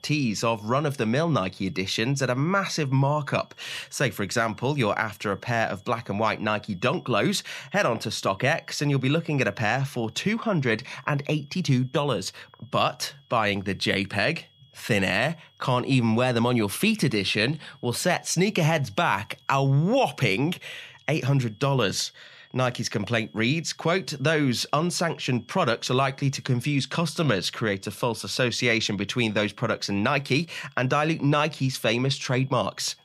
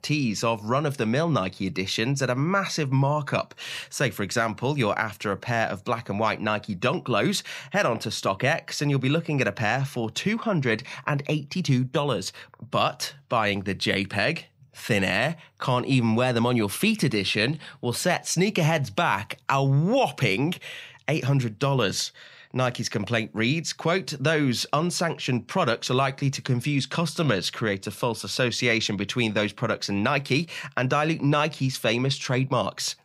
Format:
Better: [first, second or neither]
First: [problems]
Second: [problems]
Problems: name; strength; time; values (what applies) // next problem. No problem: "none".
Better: second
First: high-pitched whine; faint; throughout; 3.5 kHz, 30 dB below the speech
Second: none